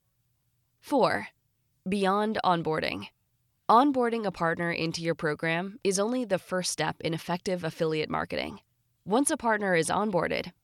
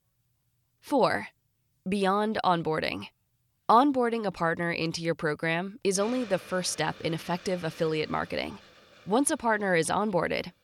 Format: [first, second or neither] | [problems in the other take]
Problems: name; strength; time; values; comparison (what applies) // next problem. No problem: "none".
first | hiss; faint; from 6 s on; 20 dB below the speech